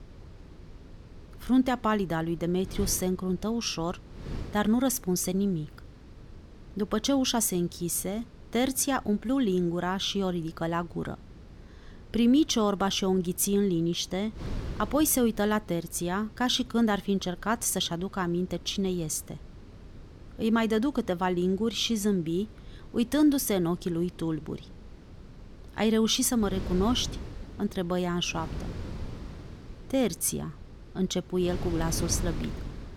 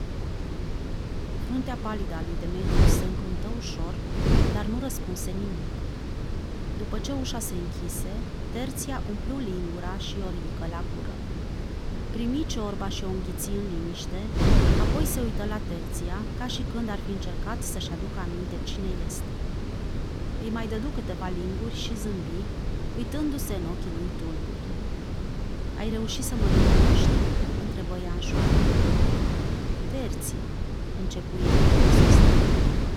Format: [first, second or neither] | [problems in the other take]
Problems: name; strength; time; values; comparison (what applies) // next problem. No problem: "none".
first | wind noise on the microphone; heavy; 2 dB above the speech; occasional gusts in the first